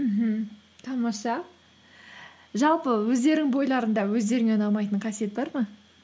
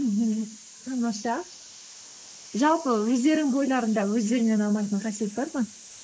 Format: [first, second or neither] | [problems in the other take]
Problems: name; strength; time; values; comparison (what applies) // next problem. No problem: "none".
first | noise reduction (neural mask model Resemble Enhance denoiser)